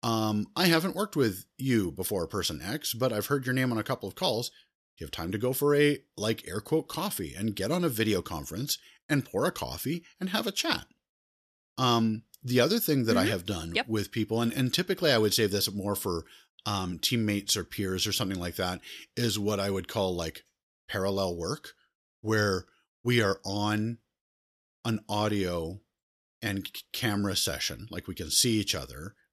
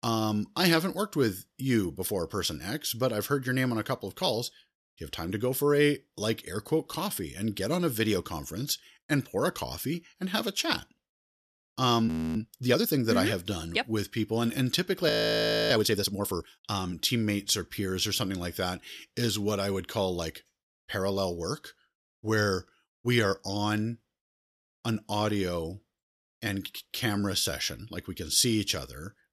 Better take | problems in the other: first | audio freezing; at 12 s and at 15 s for 0.5 s

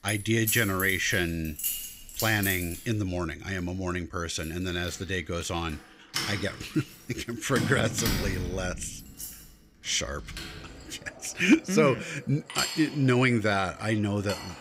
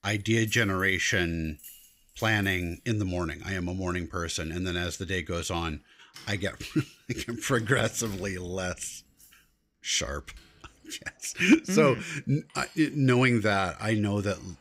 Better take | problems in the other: second | household noises; loud; throughout; 6 dB below the speech; faint in the second

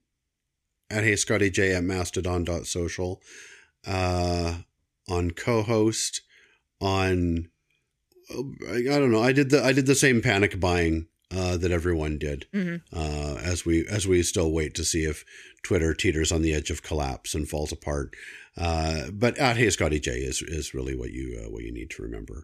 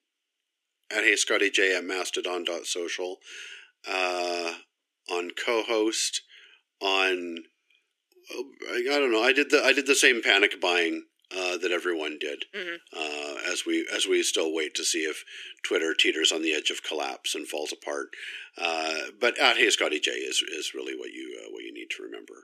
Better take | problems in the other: first | thin; somewhat; fading below 300 Hz

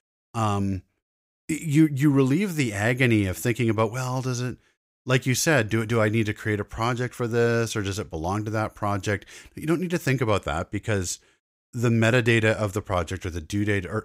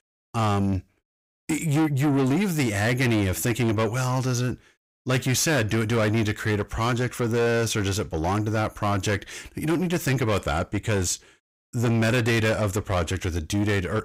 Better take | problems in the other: first | distortion; heavy; 8 dB below the speech

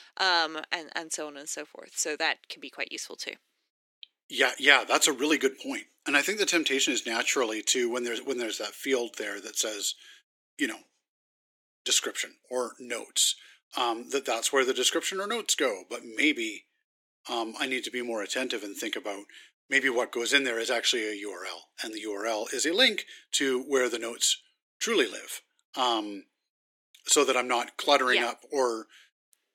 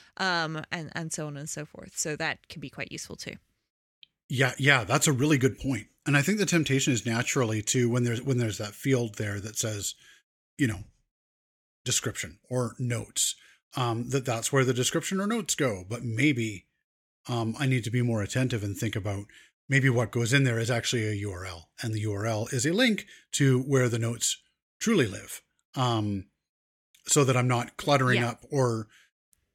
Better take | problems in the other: second | thin; somewhat; fading below 300 Hz

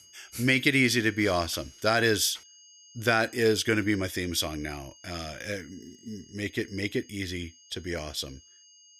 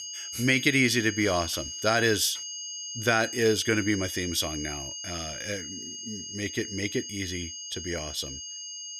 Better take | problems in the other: first | high-pitched whine; loud; throughout; 6.5 kHz, 8 dB below the speech; faint in the first

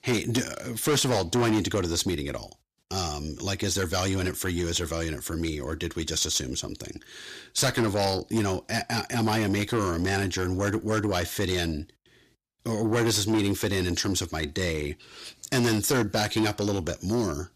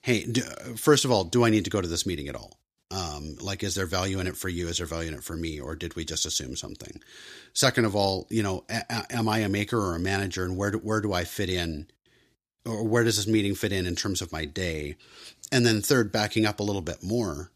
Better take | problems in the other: second | distortion; heavy; 7 dB below the speech

